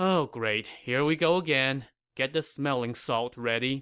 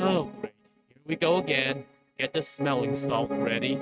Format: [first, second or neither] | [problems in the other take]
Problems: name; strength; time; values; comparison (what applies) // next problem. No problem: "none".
first | noise reduction (neural mask model RNNoise)